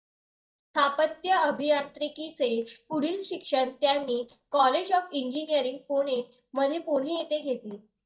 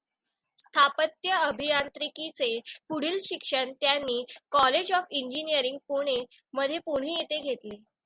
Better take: second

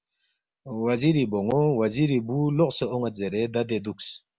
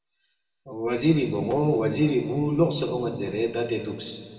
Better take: first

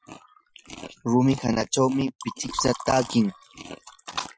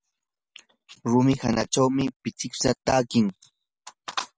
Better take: second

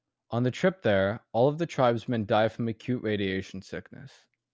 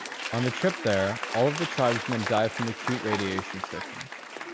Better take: first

